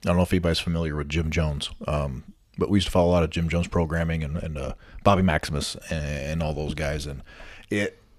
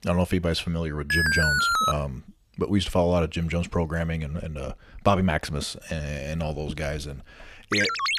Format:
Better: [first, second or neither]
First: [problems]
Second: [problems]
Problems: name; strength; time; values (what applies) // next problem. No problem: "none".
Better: first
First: none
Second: alarm; loud; at 1 s; peak 6 dB above the speech // phone ringing; loud; at 7.5 s; peak 4 dB above the speech